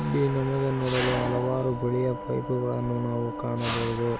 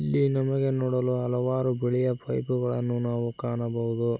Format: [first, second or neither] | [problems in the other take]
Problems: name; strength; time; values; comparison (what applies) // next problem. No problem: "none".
second | background sound (Wind instrument, woodwind instrument + Mechanisms); 7 dB below the speech